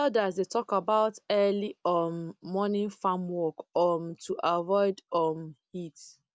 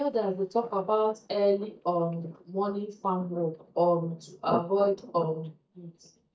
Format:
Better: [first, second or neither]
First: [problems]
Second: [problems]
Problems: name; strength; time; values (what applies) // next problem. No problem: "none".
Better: first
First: none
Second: noise reduction (neural mask model DeepFilterNet 3)